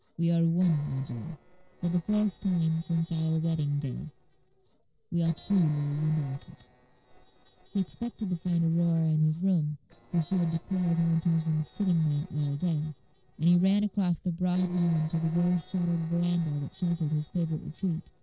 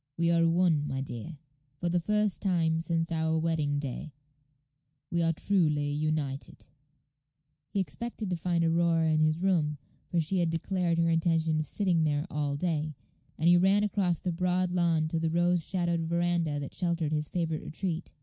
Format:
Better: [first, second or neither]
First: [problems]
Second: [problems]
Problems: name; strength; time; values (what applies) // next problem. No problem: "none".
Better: second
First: noise reduction (neural separator model SepFormer DNS4)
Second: none